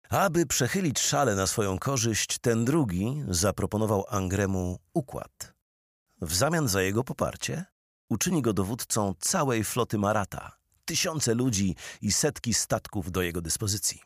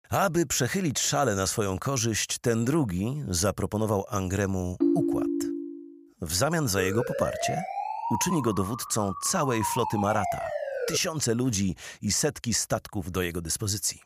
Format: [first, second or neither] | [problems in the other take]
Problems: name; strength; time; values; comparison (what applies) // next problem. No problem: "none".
first | phone ringing; loud; at 5 s; peak 3 dB above the speech // siren; noticeable; from 7 to 11 s; peak 4 dB below the speech